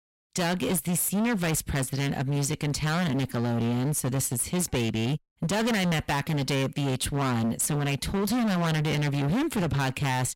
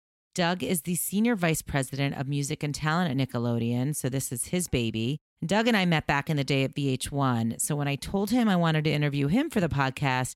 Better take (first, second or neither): second